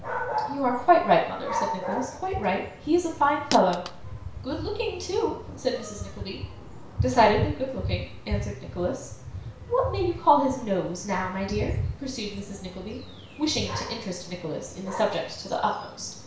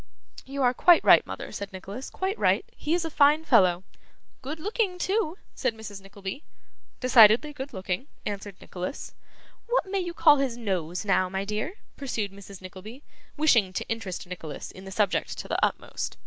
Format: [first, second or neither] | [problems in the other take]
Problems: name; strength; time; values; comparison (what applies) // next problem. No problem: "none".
second | background sound (Dog); 8 dB below the speech // room echo; dies away in 0.6 s